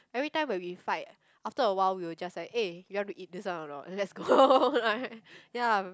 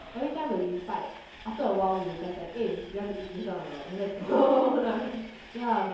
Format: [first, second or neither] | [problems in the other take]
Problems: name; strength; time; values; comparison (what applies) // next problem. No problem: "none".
first | background sound (Train); 18 dB below the speech // room echo; dies away in 0.9 s